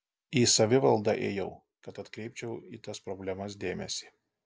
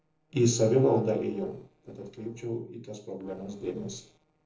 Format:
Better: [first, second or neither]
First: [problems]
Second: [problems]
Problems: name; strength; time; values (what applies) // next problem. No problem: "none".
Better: first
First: none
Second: noise reduction (neural separator model SepFormer DNS4)